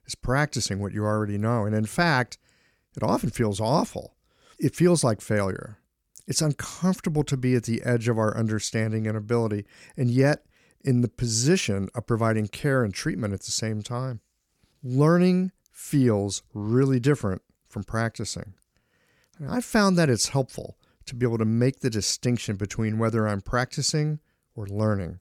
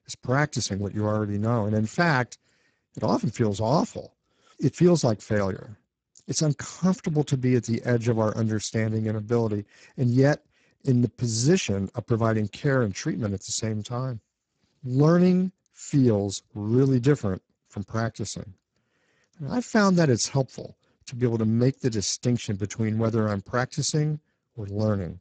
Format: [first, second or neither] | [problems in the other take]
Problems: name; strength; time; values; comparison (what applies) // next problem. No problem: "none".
first | garbled, watery; badly; nothing above 7.5 kHz